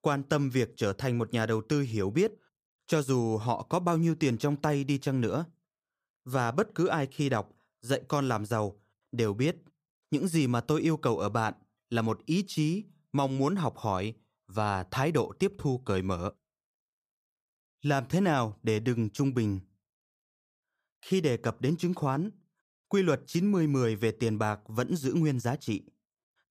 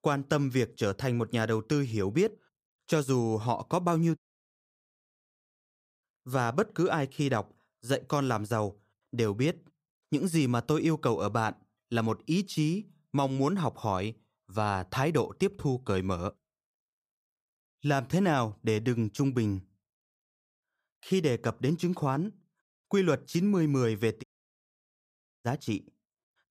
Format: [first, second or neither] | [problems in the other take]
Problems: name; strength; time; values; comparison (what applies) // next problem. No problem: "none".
first | audio cutting out; at 4 s for 2 s and at 24 s for 1 s